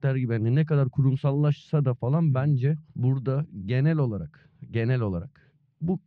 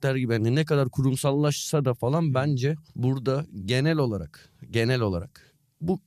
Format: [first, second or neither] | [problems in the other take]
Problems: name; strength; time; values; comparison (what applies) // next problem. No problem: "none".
second | muffled; very; fading above 2.5 kHz